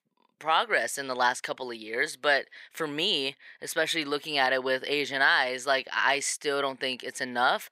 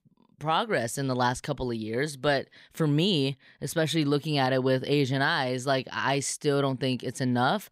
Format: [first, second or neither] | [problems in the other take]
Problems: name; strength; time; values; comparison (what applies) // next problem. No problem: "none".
second | thin; very; fading below 500 Hz